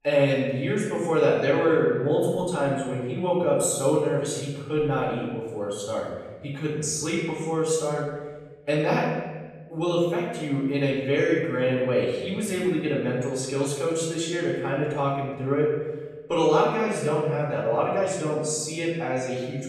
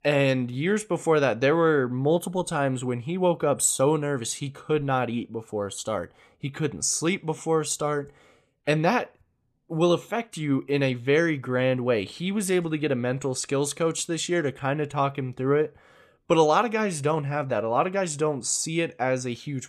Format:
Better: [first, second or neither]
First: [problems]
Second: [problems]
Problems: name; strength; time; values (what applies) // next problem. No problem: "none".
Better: second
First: off-mic speech; far // room echo; noticeable; dies away in 1.2 s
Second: none